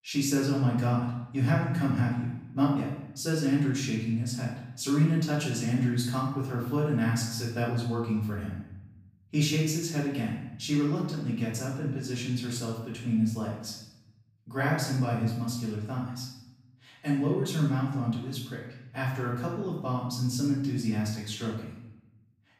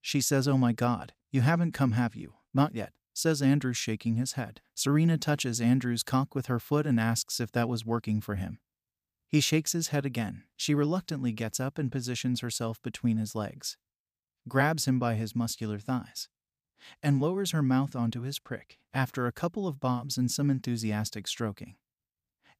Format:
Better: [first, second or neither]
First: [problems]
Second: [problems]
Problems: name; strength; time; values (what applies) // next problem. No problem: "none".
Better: second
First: off-mic speech; far // room echo; noticeable; dies away in 0.8 s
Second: none